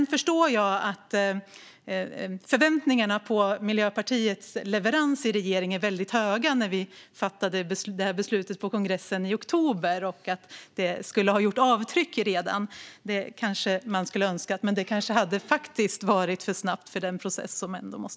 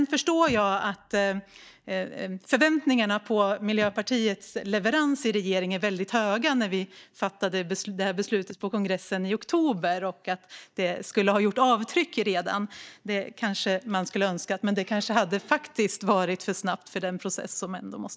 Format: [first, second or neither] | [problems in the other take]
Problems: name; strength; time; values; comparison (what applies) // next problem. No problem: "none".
first | noise reduction (neural mask model DeepFilterNet 3)